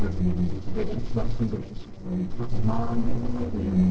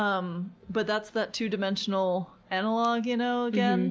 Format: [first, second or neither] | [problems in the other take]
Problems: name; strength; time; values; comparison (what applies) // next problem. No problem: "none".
second | noise reduction (neural separator model SepFormer DNS4)